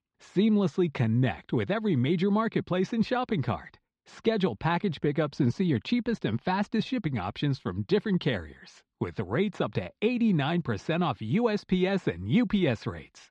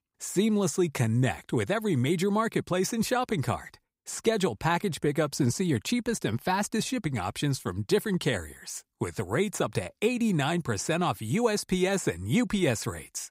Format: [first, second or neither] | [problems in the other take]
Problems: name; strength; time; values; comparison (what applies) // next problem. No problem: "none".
second | muffled; slightly; fading above 4 kHz